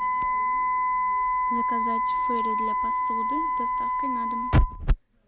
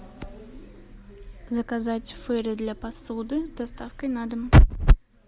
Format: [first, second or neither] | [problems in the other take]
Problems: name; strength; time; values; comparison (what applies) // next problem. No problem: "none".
second | background sound (Wind instrument, woodwind instrument); 4 dB above the speech